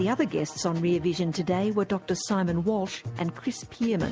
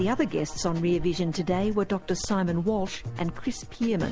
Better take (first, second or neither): first